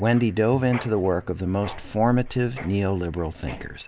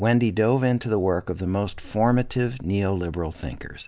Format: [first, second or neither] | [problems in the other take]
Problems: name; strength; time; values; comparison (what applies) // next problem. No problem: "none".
second | background sound (Bowed string instrument + Mechanisms); 18 dB below the speech